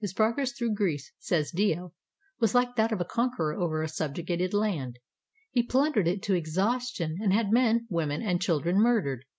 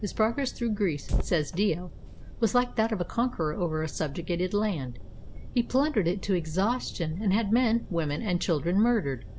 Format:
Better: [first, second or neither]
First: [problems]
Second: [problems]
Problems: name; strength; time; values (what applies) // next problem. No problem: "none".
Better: first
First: none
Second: background sound (Fire); 9 dB below the speech